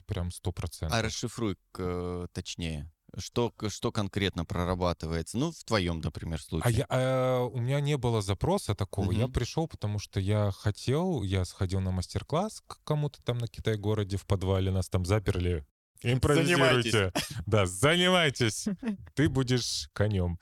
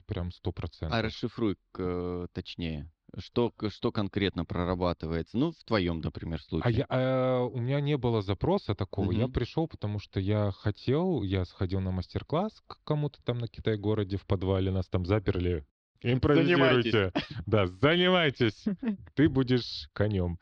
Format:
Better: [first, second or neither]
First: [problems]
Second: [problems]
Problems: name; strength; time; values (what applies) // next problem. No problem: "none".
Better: first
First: none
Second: muffled; very slightly; fading above 4.5 kHz